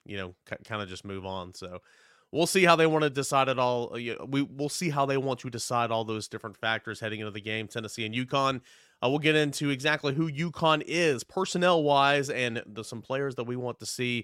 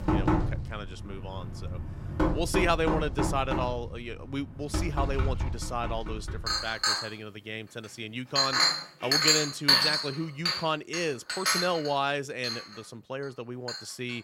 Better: first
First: none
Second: household noises; very loud; throughout; 5 dB above the speech

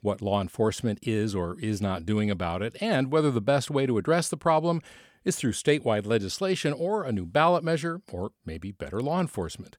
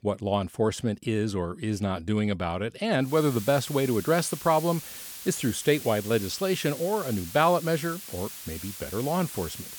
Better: first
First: none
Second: hiss; noticeable; from 3 s on; 10 dB below the speech

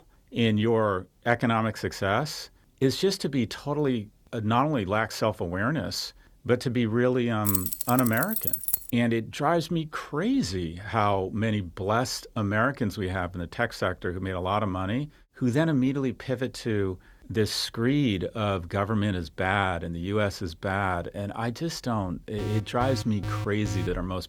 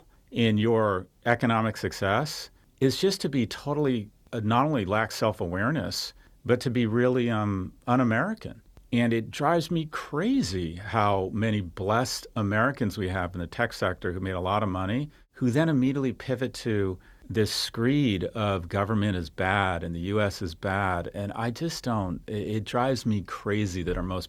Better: second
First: jangling keys; loud; from 7.5 to 9 s; peak 3 dB above the speech // alarm; noticeable; from 22 s on; peak 6 dB below the speech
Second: none

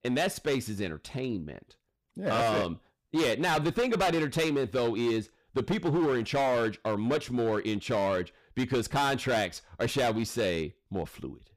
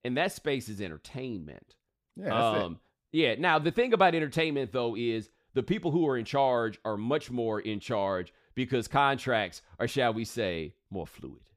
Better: second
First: distortion; heavy; 13% of the sound clipped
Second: none

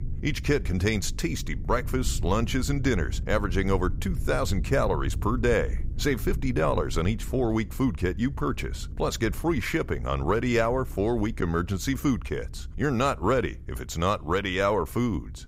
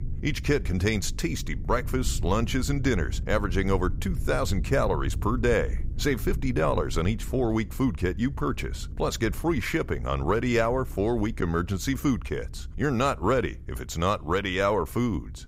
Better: neither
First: low rumble; faint; throughout; 20 dB below the speech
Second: low rumble; faint; throughout; 20 dB below the speech

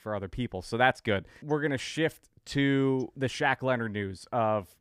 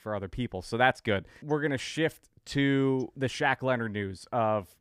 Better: neither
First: none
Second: none

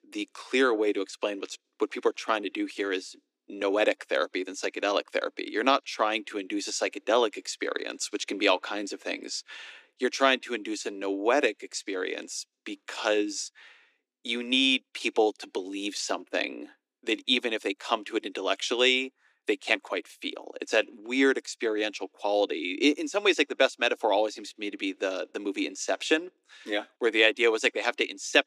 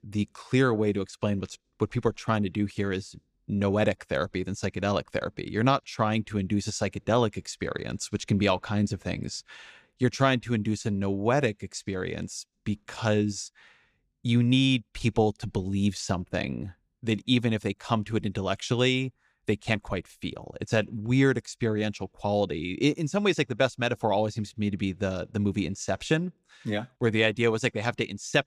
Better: second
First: thin; somewhat; fading below 300 Hz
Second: none

